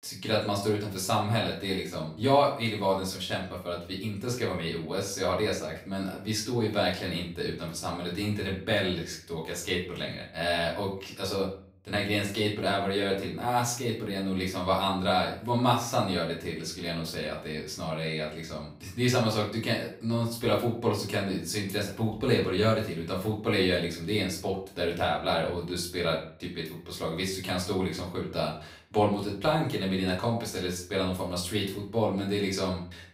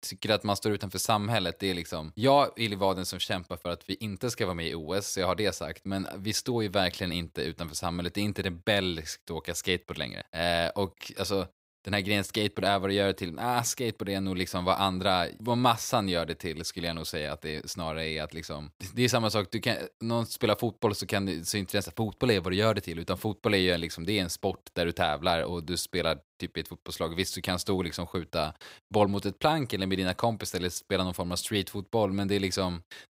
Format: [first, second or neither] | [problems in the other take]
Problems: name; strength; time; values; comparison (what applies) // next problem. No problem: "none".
second | off-mic speech; far // room echo; slight; dies away in 0.4 s